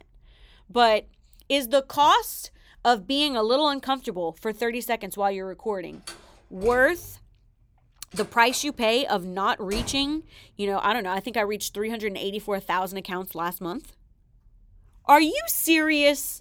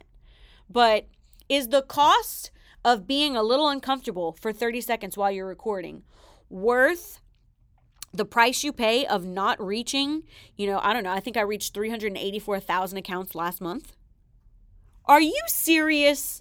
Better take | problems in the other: second | door banging; faint; from 6 to 10 s; peak 10 dB below the speech

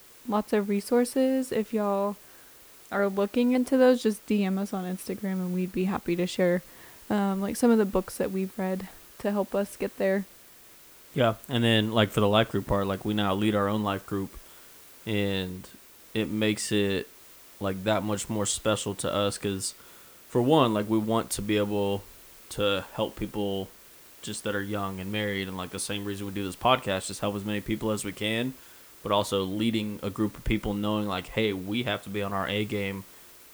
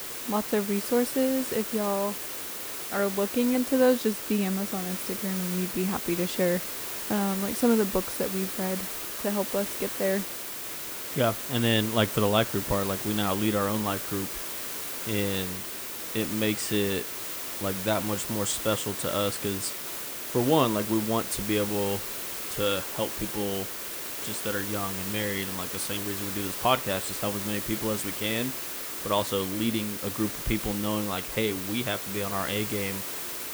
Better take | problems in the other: first | hiss; loud; throughout; 3 dB below the speech; faint in the first

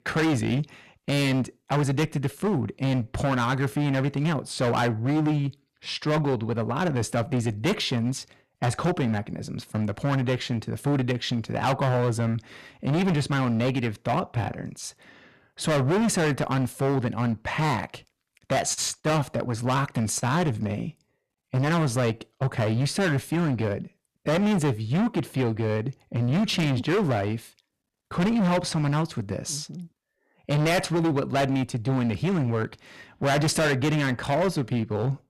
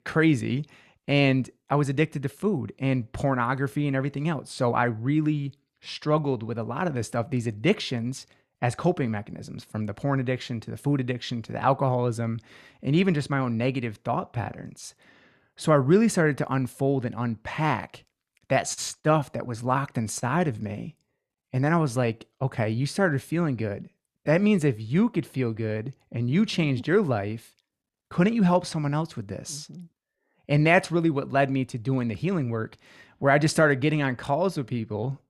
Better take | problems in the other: second | distortion; heavy; 17% of the sound clipped

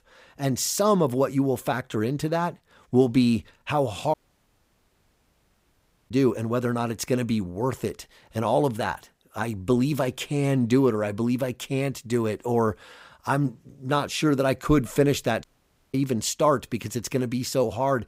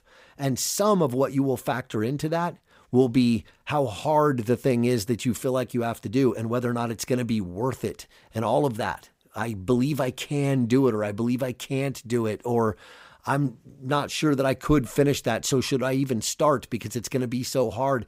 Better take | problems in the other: second | audio cutting out; at 4 s for 2 s and at 15 s

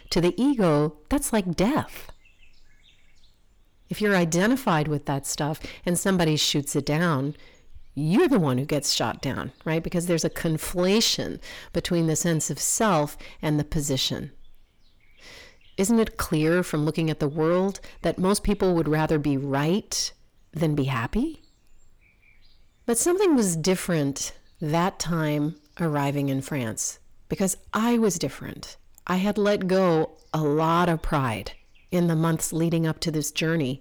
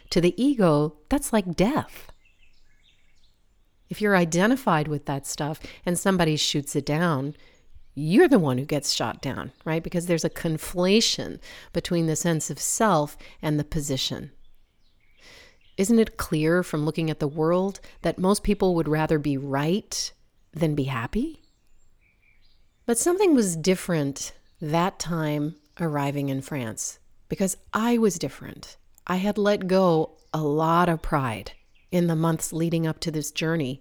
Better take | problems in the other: second | distortion; slight; 10 dB below the speech

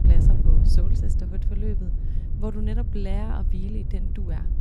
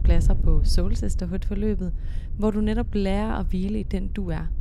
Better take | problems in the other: second | wind noise on the microphone; heavy; 2 dB below the speech; occasional gusts in the second

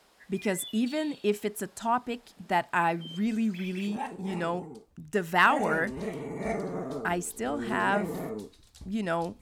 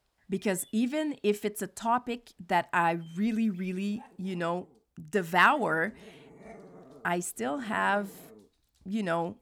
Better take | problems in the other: second | animal sounds; loud; throughout; 8 dB below the speech; faint in the second

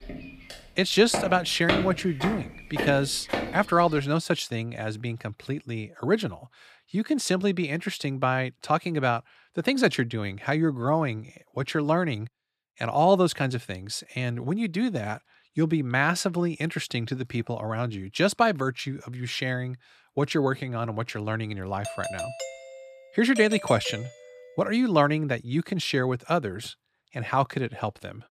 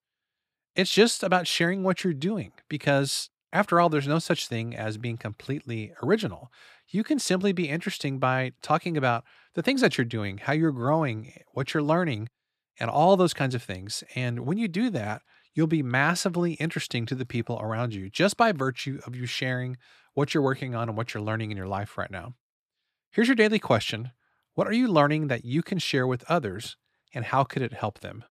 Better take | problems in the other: second | footsteps; loud; until 3.5 s; peak 1 dB above the speech // doorbell; noticeable; from 22 to 24 s; peak 8 dB below the speech

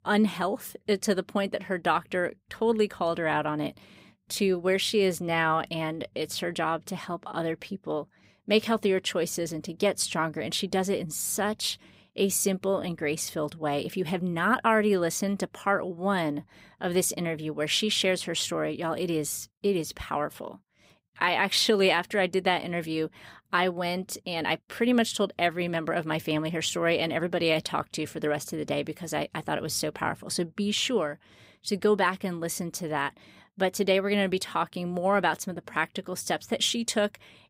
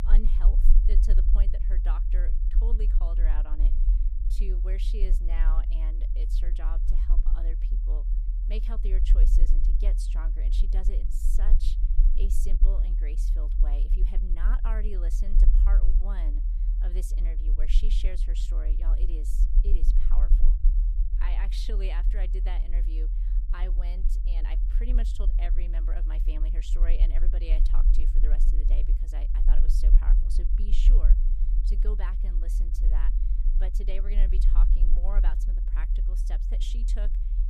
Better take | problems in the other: first | low rumble; loud; throughout; 6 dB below the speech

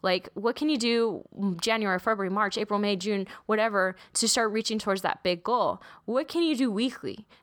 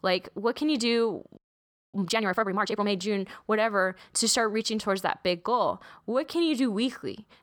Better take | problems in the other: first | audio freezing; at 1.5 s for 0.5 s

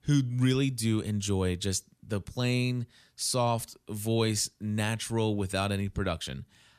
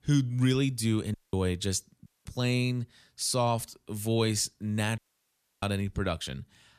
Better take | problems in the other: first | audio cutting out; at 1 s, at 2 s and at 5 s for 0.5 s

